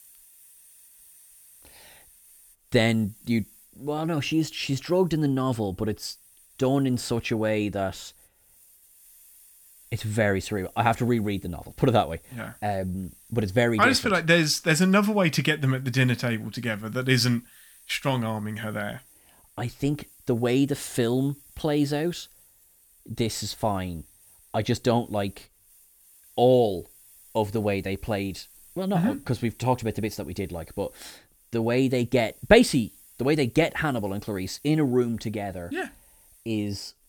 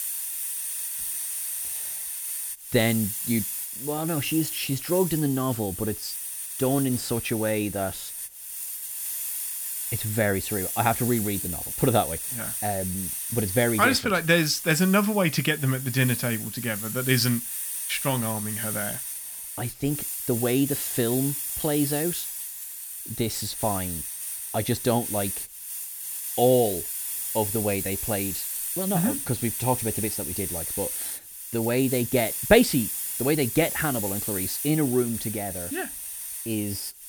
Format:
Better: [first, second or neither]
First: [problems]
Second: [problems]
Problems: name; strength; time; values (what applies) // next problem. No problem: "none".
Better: first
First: hiss; faint; throughout; 25 dB below the speech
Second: hiss; loud; throughout; 3 dB below the speech